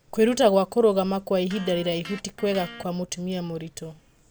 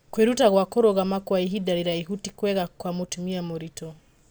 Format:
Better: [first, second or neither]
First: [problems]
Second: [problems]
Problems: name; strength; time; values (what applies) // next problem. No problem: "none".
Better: second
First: background sound (Electric guitar); 19 dB below the speech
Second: none